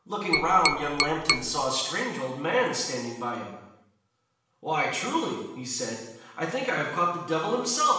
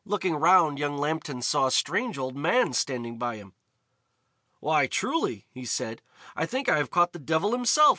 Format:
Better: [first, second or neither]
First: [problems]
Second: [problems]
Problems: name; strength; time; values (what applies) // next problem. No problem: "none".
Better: second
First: background sound (Tap); as loud as the speech // room echo; dies away in 0.9 s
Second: none